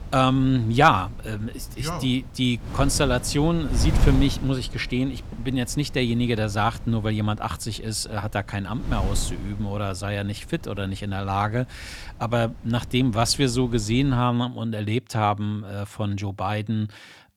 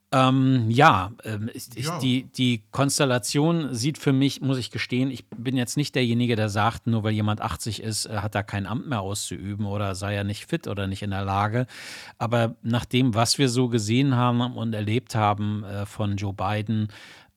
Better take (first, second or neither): second